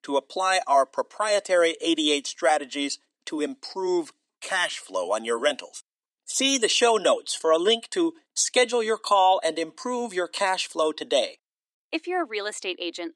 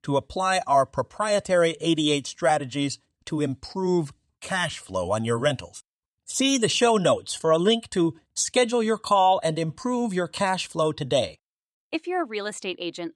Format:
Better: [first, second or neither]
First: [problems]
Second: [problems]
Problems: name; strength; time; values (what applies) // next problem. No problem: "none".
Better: second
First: thin; somewhat; fading below 300 Hz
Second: none